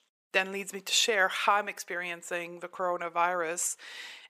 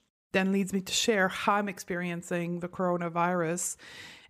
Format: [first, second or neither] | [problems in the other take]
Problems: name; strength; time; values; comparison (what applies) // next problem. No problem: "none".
second | thin; very; fading below 550 Hz